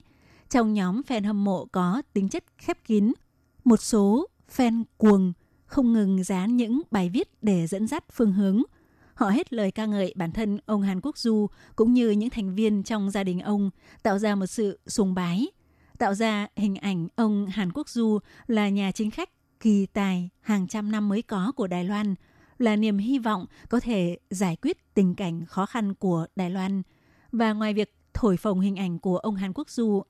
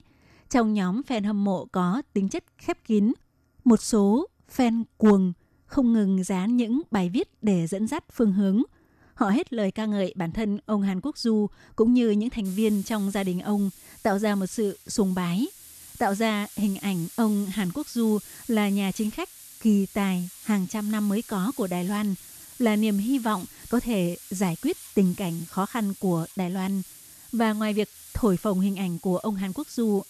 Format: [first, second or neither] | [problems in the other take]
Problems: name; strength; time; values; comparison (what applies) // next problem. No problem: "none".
first | hiss; noticeable; from 12 s on; 15 dB below the speech